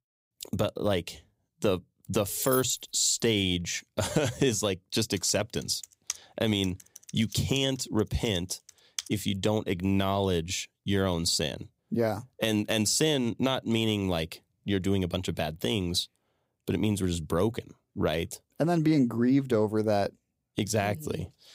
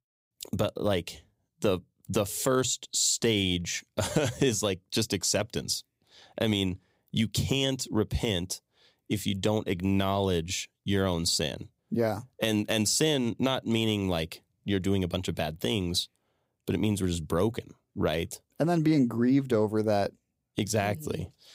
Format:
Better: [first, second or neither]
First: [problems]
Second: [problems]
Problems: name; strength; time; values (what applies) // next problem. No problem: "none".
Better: second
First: jangling keys; noticeable; at 2.5 s; peak 5 dB below the speech // keyboard typing; noticeable; from 5 to 9 s; peak 8 dB below the speech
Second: none